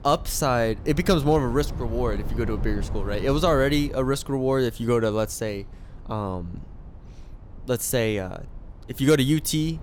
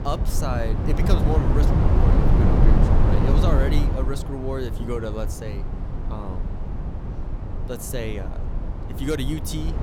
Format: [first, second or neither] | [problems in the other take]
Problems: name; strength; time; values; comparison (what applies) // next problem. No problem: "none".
first | low rumble; loud; throughout; 1 dB below the speech; faint in the first